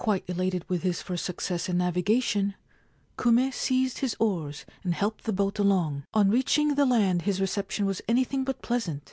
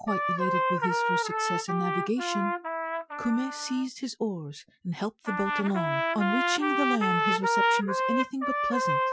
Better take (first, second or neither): first